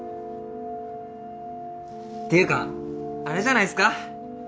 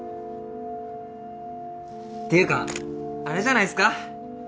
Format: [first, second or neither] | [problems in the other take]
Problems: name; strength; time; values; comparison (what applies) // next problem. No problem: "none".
first | background sound (Camera); 17 dB below the speech